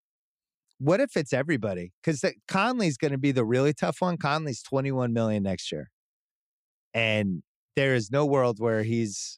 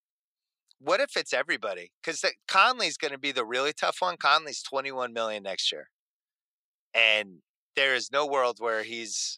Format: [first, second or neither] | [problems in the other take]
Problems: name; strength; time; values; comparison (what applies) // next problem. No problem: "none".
first | thin; very; fading below 700 Hz